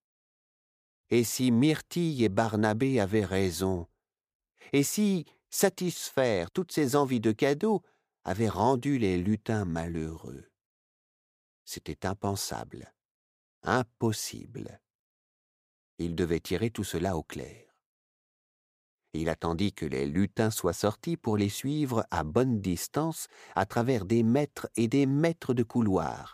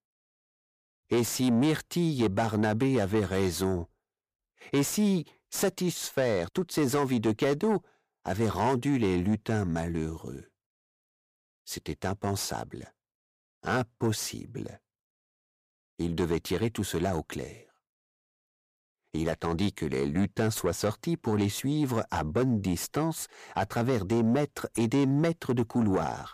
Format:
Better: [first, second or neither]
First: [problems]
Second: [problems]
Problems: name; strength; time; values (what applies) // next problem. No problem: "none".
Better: first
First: none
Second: distortion; slight; 10 dB below the speech